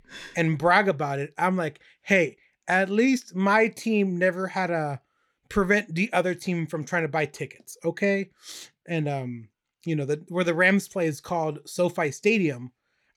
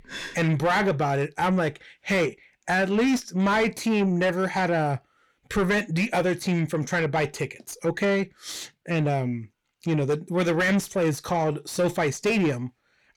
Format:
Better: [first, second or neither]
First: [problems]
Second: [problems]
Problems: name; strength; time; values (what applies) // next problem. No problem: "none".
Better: first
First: none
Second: distortion; heavy; 7 dB below the speech